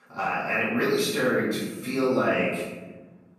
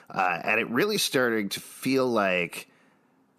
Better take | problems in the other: second | off-mic speech; far // room echo; noticeable; dies away in 1.3 s

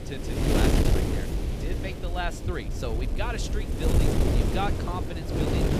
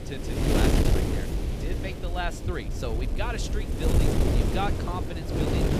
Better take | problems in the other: neither | wind noise on the microphone; heavy; 2 dB above the speech; the same in both

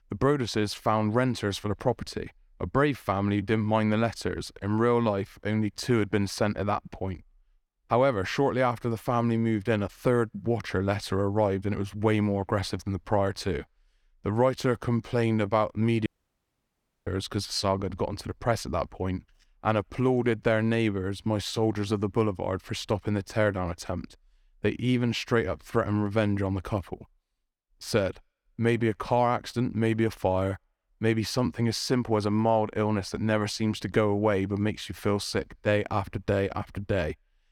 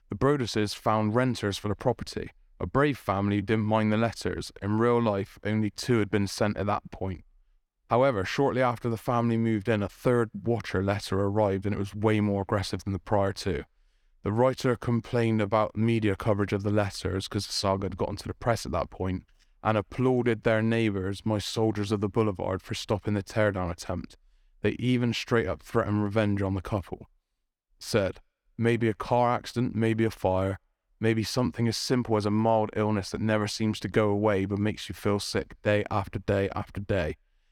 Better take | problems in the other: second | audio cutting out; at 16 s for 1 s

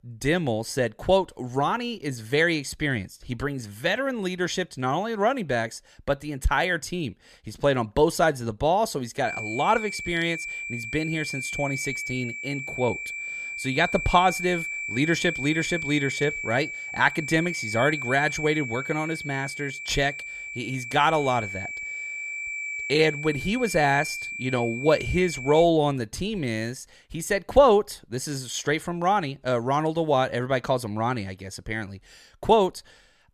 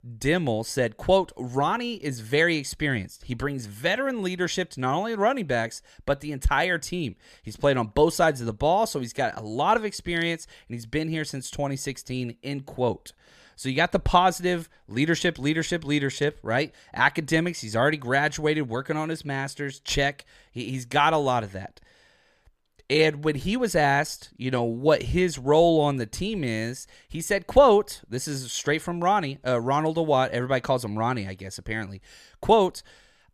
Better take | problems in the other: second | high-pitched whine; loud; from 9.5 to 26 s; 2.5 kHz, 6 dB below the speech

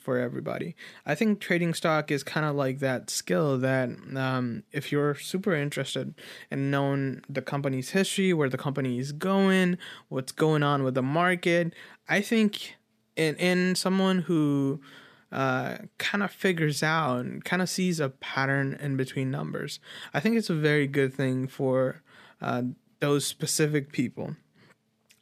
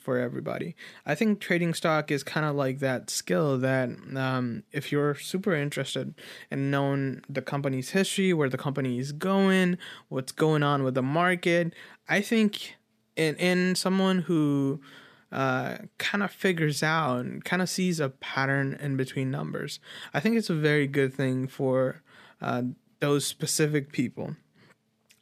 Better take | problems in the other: neither | none

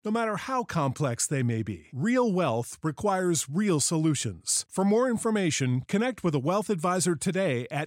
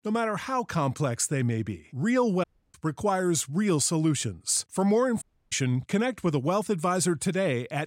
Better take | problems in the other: first | audio cutting out; at 2.5 s and at 5 s

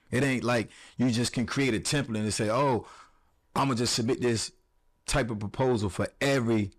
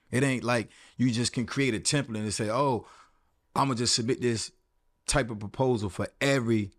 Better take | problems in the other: second | distortion; slight; 9 dB below the speech

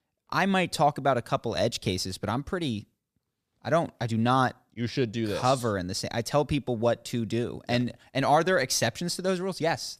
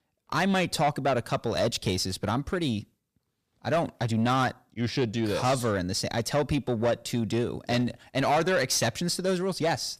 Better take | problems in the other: first | distortion; slight; 10 dB below the speech

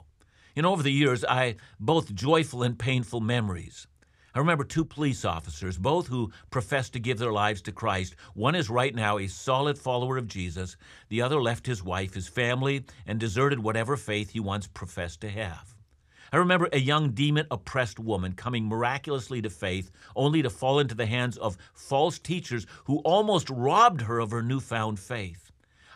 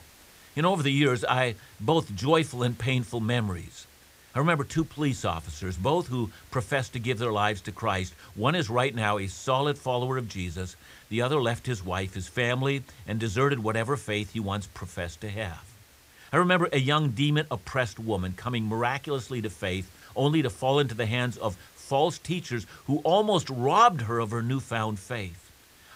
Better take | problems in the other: first | hiss; faint; throughout; 25 dB below the speech

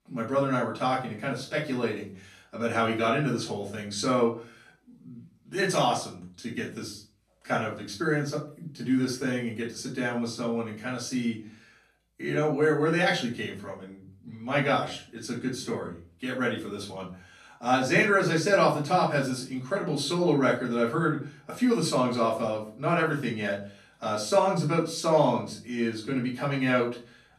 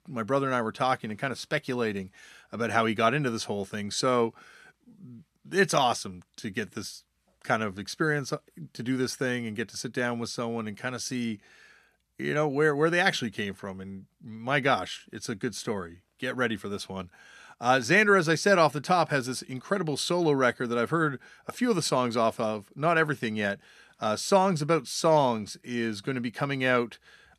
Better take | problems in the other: second | room echo; slight; dies away in 0.3 s // off-mic speech; far

